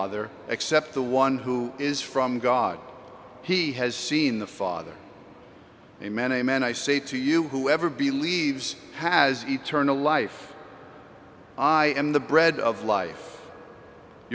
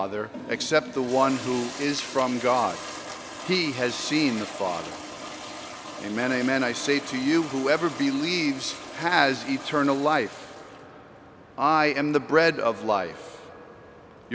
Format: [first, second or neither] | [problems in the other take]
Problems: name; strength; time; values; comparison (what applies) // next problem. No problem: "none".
first | background sound (Toilet flush); 14 dB below the speech